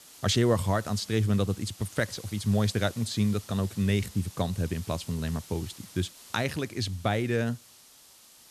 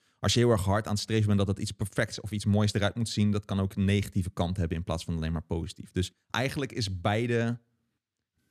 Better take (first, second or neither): second